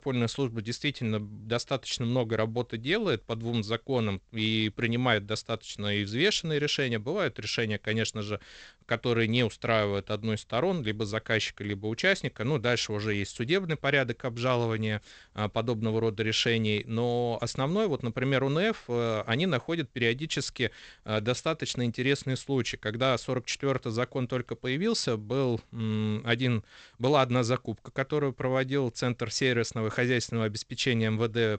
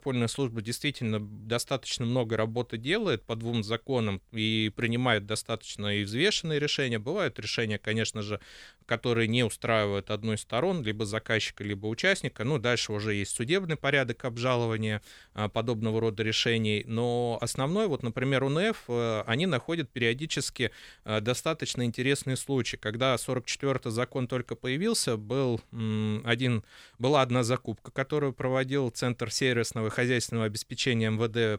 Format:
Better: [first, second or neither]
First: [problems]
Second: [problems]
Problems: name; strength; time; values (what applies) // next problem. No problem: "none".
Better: second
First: garbled, watery; slightly; nothing above 8 kHz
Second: none